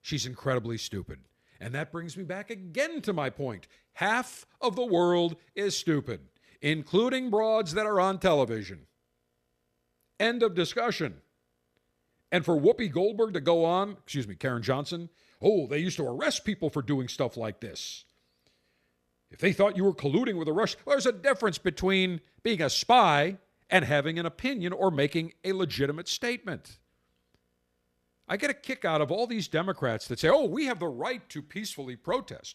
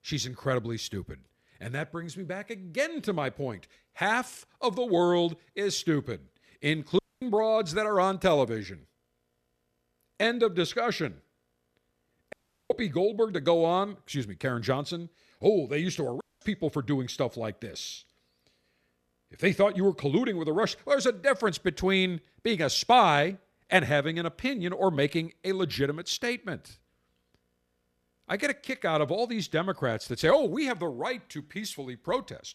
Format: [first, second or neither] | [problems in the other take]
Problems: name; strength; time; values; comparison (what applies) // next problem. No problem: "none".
first | audio cutting out; at 7 s, at 12 s and at 16 s